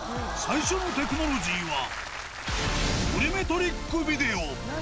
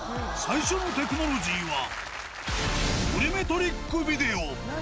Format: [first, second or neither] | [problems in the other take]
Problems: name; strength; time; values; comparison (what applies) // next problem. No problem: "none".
second | background sound (Rain); 17 dB below the speech